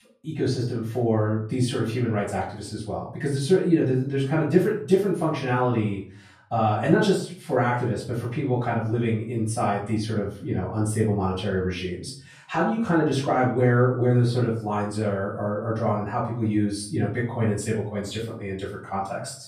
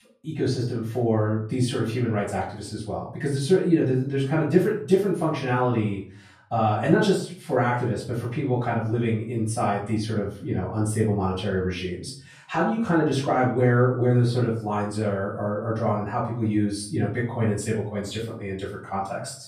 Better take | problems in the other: neither | room echo; noticeable; dies away in 0.4 s; the same in both // off-mic speech; far; the same in both

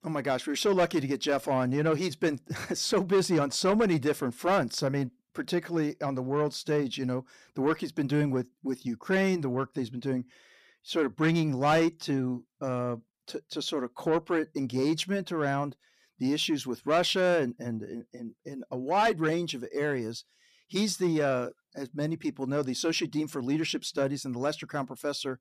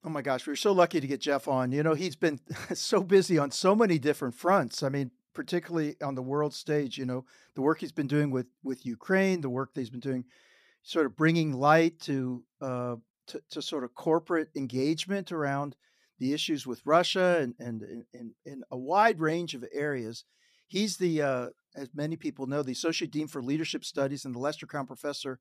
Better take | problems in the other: second | distortion; slight; 10 dB below the speech

